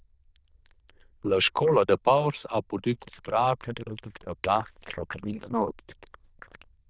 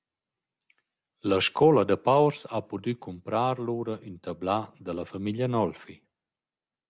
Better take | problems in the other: second | noise reduction (neural diffusion model UNIVERSE++)

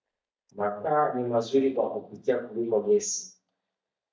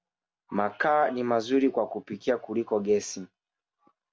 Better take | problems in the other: second | noise reduction (neural mask model DeepFilterNet 3)

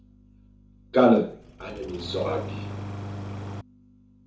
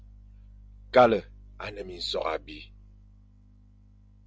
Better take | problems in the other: second | background sound (Engine starting); 9 dB below the speech // room echo; dies away in 0.7 s

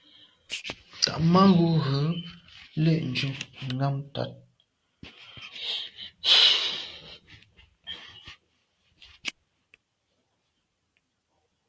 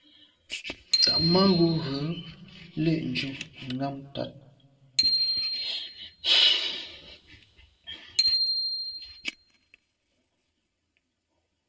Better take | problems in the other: first | background sound (Bicycle bell); 1 dB below the speech // room echo; dies away in 1.4 s

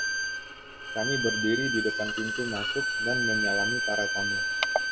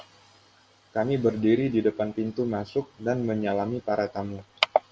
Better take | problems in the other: second | background sound (Bowed string instrument); 3 dB above the speech

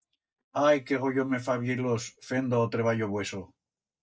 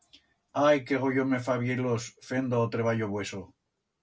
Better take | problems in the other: second | noise reduction (neural mask model DeepFilterNet 3)

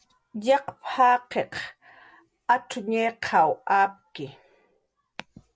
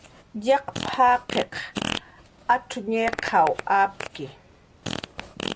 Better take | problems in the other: first | background sound (Fart); 10 dB below the speech

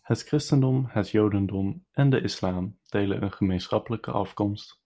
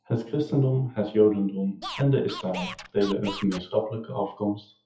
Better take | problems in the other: first | noise reduction (classical method WPE with log-MMSE)

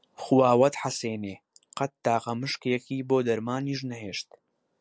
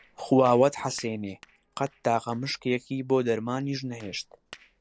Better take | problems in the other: first | noise reduction (neural separator model SepFormer DNS4)

